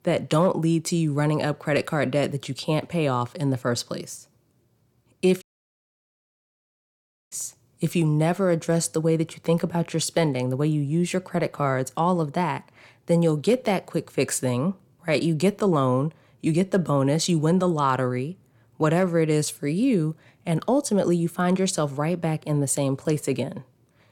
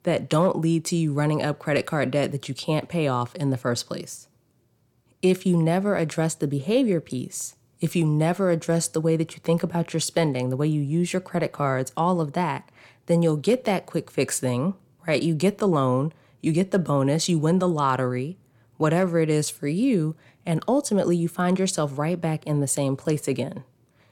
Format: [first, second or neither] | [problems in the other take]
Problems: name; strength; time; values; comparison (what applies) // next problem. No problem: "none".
second | audio cutting out; at 5.5 s for 2 s